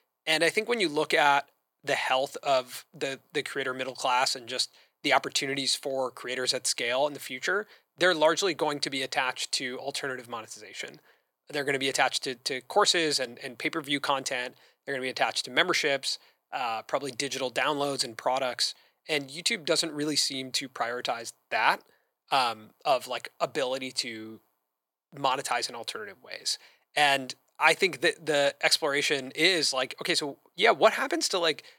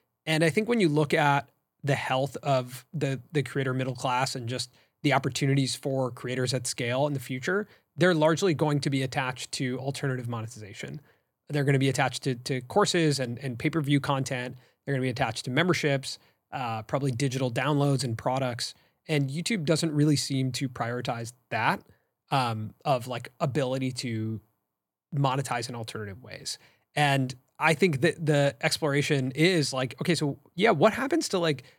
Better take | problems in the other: second | thin; somewhat; fading below 500 Hz

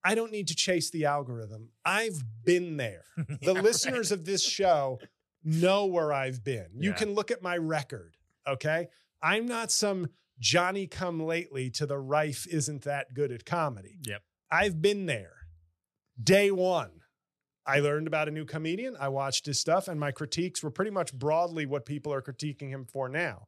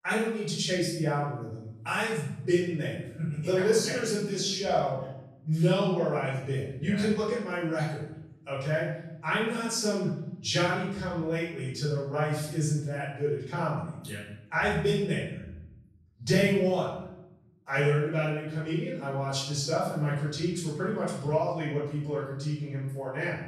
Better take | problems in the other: first | off-mic speech; far // room echo; noticeable; dies away in 0.9 s

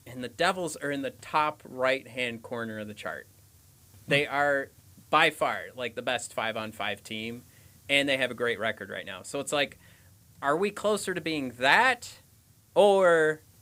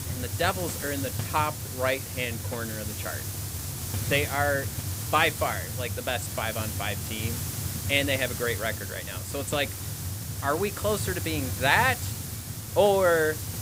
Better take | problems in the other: first | hiss; loud; throughout; 5 dB below the speech; faint in the first

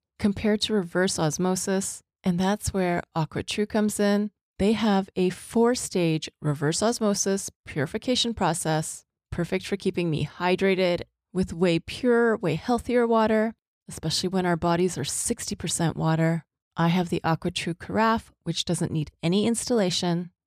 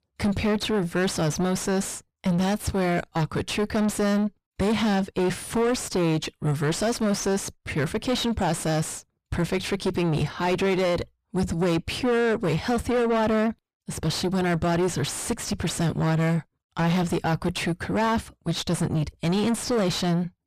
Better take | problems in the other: first | distortion; heavy; 5 dB below the speech

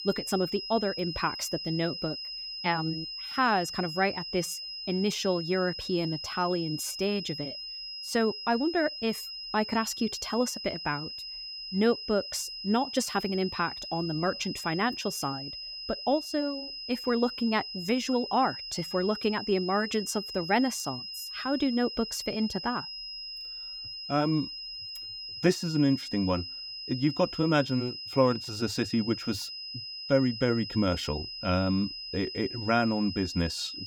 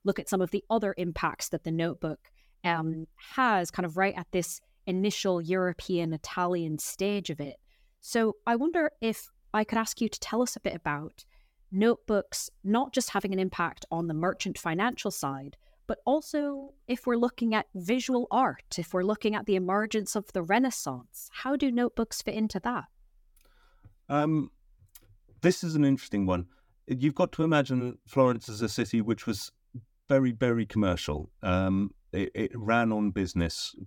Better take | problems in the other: second | high-pitched whine; loud; throughout; 5 kHz, 7 dB below the speech

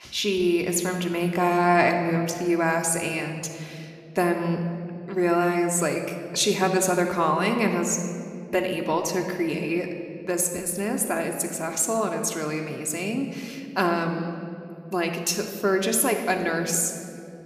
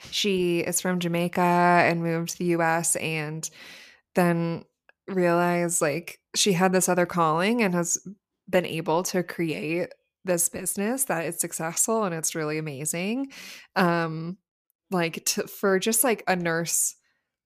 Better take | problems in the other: second | room echo; slight; dies away in 1.9 s

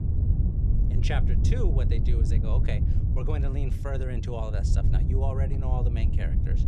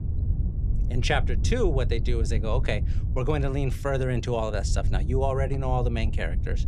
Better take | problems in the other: second | wind noise on the microphone; heavy; 3 dB below the speech; occasional gusts in the second

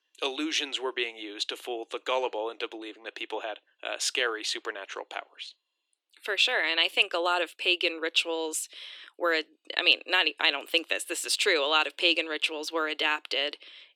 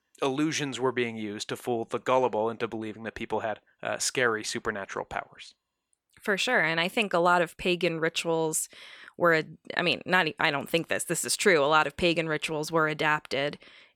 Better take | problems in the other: second | thin; somewhat; fading below 300 Hz

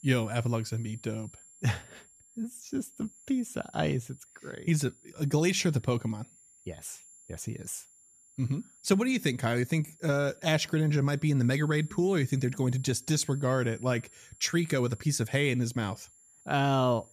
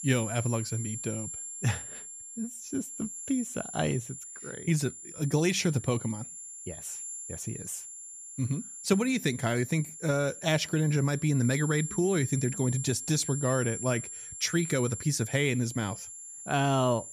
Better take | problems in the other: first | high-pitched whine; loud; throughout; 7.5 kHz, 9 dB below the speech; faint in the first

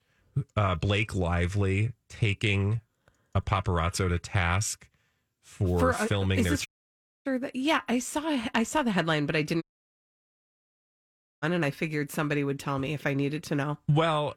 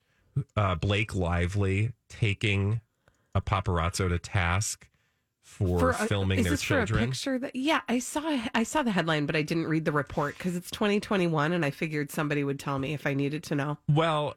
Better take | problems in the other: second | audio cutting out; at 6.5 s for 0.5 s and at 9.5 s for 2 s

